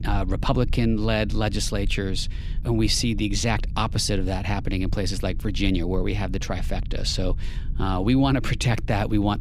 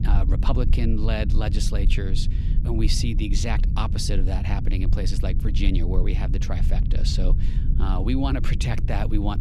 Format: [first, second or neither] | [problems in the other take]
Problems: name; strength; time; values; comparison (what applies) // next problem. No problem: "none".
first | low rumble; loud; throughout; 9 dB below the speech; faint in the first